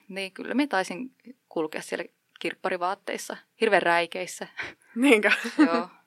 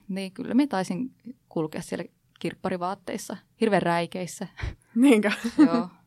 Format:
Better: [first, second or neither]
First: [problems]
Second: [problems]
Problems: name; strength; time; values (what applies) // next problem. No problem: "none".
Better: second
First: thin; very slightly; fading below 400 Hz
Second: none